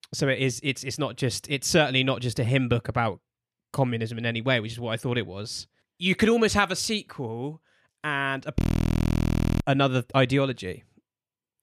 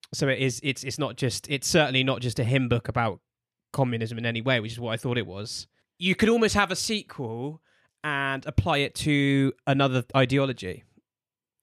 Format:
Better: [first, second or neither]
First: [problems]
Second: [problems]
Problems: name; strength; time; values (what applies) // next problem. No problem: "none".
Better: second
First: audio freezing; at 8.5 s for 1 s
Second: none